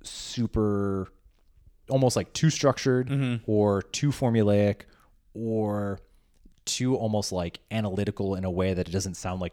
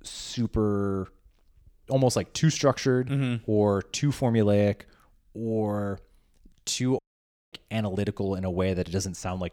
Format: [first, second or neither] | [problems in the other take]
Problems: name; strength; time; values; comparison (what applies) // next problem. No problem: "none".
first | audio cutting out; at 7 s for 0.5 s